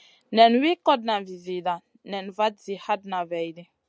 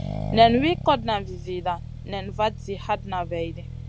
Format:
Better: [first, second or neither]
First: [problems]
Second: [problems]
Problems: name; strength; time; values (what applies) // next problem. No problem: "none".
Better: first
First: none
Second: background sound (Accelerating, revving, vroom); 8 dB below the speech